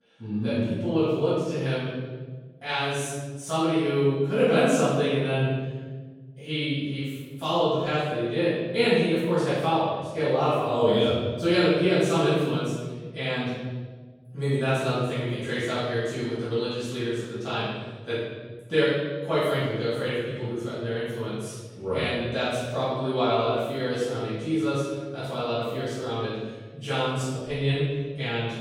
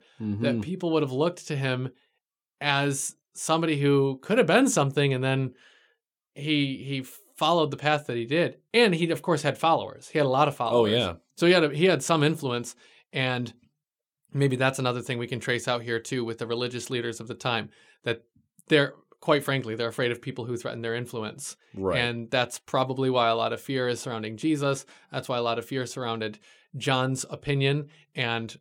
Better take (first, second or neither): second